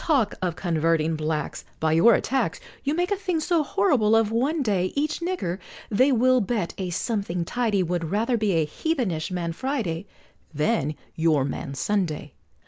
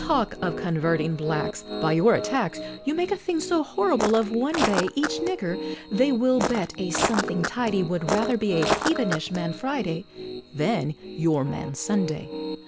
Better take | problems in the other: first | background sound (Walk, footsteps + Piano); 6 dB below the speech

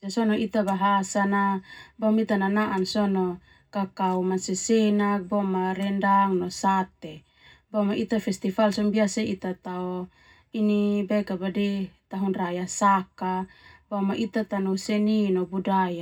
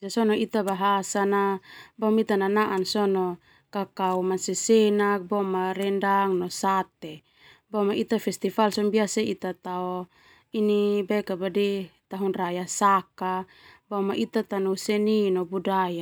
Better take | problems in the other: second | room echo; dies away in 0.4 s

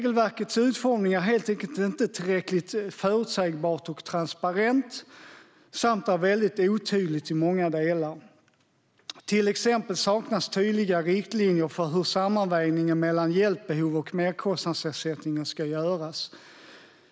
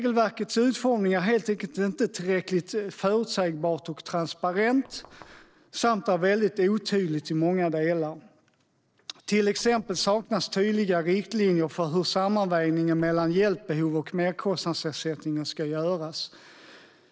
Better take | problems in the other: first | noise reduction (neural separator model SepFormer DNS4)

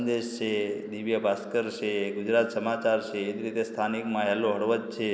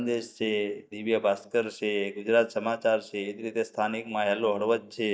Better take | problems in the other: first | noise reduction (neural mask model DeepFilterNet 3)

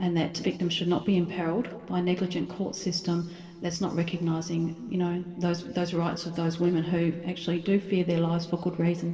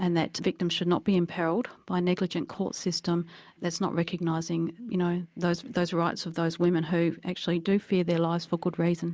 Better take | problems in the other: second | noise reduction (neural separator model SepFormer DNS4)

